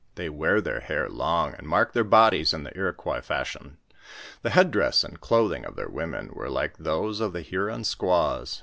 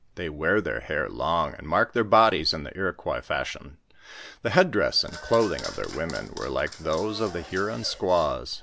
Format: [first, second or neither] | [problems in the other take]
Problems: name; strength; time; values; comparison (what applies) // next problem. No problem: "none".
first | background sound (Applause / Clapping); 16 dB below the speech